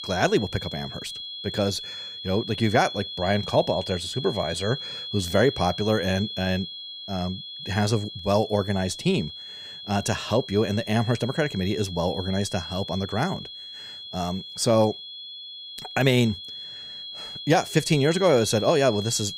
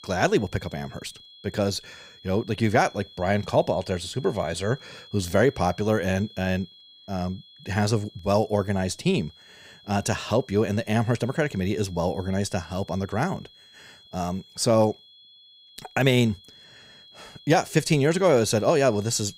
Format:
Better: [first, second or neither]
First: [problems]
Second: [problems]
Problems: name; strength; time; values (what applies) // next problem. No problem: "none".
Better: second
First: high-pitched whine; loud; throughout; 3.5 kHz, 9 dB below the speech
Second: high-pitched whine; faint; throughout; 3.5 kHz, 25 dB below the speech